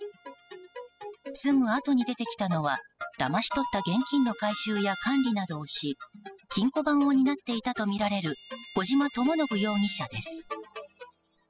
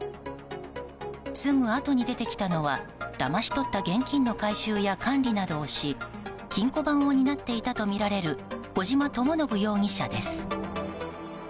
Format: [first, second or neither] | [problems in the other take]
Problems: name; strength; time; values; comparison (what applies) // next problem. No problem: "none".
second | noise reduction (classical method spectral subtraction)